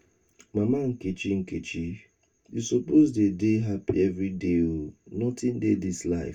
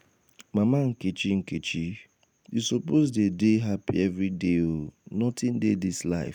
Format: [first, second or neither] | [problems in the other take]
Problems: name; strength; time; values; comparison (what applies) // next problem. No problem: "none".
second | room echo; dies away in 0.2 s